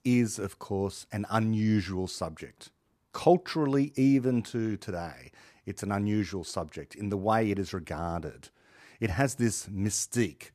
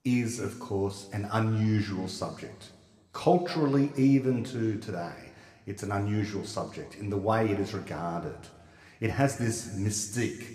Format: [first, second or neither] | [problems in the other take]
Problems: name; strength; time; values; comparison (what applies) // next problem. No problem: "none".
first | room echo; slight; dies away in 1.3 s